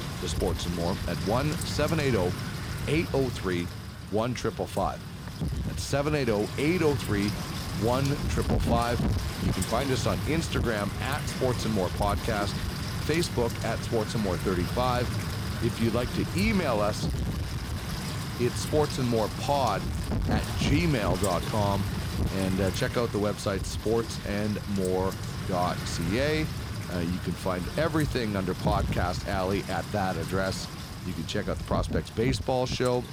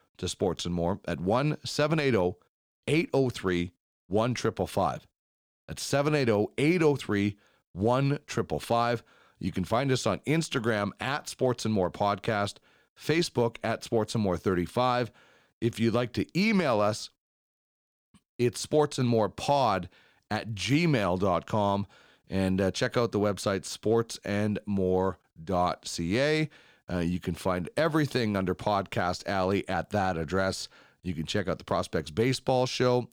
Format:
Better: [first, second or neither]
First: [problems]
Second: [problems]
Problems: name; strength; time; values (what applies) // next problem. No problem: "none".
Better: second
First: wind noise on the microphone; heavy; 7 dB below the speech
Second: none